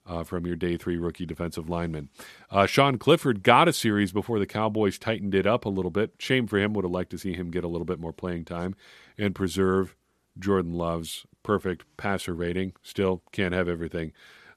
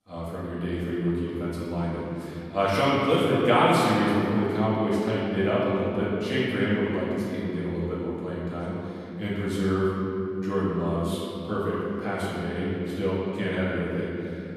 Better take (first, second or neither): first